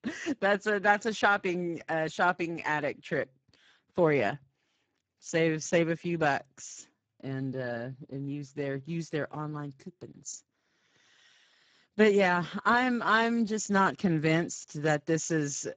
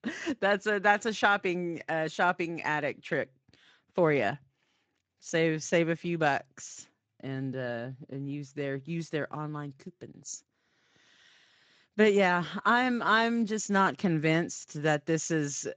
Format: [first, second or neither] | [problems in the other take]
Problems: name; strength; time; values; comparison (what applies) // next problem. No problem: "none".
second | garbled, watery; badly; nothing above 7.5 kHz; slightly in the second